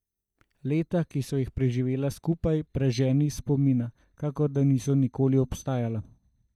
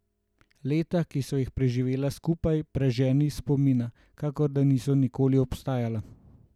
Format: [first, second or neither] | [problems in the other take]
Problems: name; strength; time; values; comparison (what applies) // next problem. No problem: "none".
second | noise reduction (neural mask model DeepFilterNet 3)